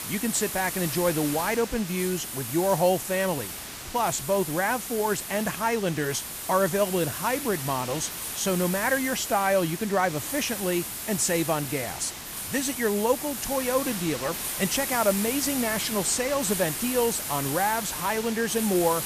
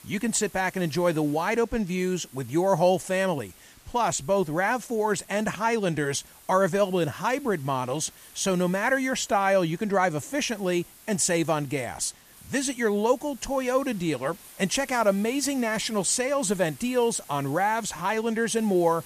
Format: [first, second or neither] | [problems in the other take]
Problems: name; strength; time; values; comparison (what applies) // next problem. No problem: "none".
second | hiss; loud; throughout; 5 dB below the speech; faint in the second